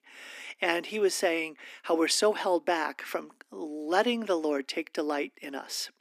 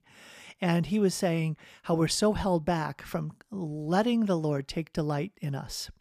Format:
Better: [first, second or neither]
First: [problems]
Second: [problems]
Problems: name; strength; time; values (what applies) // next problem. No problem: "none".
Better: second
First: thin; somewhat; fading below 250 Hz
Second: none